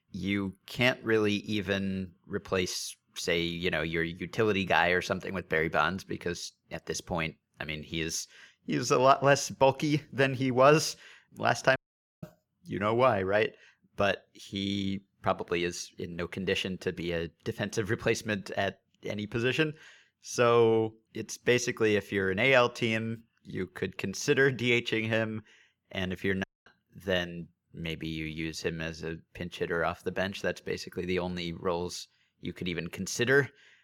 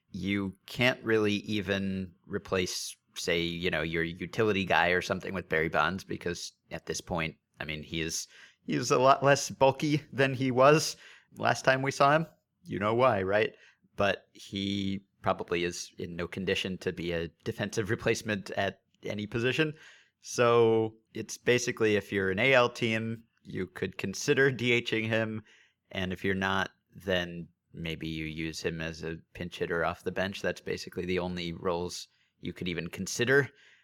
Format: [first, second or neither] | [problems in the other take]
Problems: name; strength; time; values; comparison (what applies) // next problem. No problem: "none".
second | audio cutting out; at 12 s and at 26 s